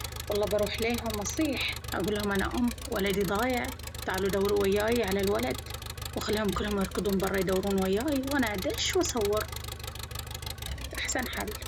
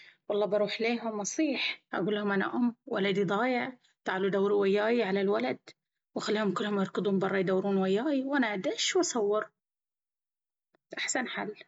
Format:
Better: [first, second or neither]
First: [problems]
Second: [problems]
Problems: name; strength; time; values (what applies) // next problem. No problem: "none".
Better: second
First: background sound (Engine); 8 dB below the speech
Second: none